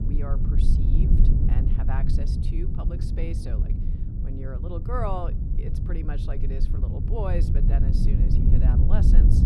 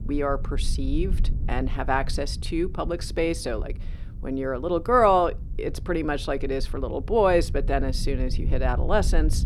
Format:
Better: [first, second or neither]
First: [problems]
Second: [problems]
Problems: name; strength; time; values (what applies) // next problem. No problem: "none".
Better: second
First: low rumble; loud; throughout; 2 dB below the speech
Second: low rumble; faint; throughout; 25 dB below the speech